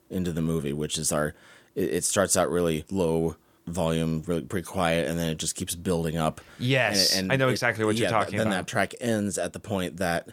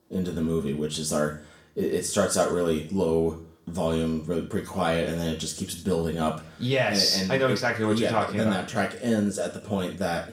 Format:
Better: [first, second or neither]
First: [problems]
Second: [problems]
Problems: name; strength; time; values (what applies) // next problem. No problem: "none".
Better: first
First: none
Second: room echo; slight; dies away in 0.4 s // off-mic speech; somewhat distant